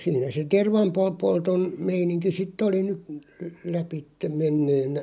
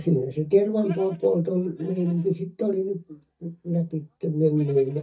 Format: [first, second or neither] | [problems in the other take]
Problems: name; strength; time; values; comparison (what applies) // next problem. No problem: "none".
first | noise reduction (neural mask model DeepFilterNet 3)